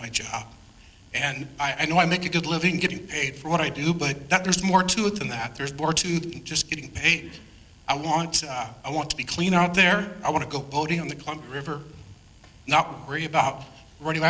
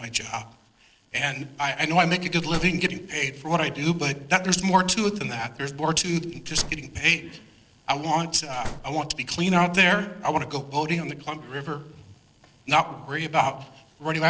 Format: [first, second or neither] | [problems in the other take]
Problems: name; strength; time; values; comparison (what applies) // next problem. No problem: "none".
first | noise reduction (neural separator model SepFormer DNS4)